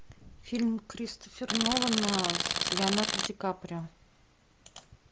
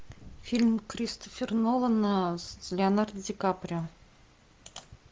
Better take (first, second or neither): second